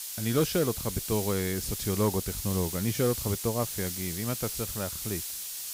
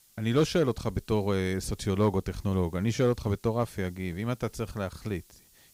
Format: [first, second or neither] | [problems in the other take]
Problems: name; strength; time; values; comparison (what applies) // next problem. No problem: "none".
second | hiss; loud; throughout; 3 dB below the speech; faint in the second